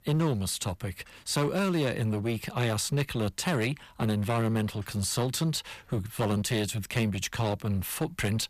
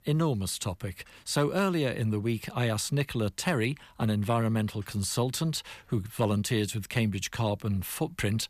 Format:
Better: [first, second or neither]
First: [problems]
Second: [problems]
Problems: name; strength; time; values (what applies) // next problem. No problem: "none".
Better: second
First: distortion; slight; 12% of the sound clipped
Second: none